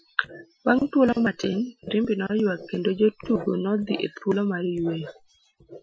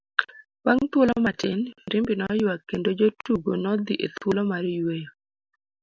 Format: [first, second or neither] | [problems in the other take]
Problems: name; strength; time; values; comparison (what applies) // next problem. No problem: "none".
second | noise reduction (classical method Wiener filter)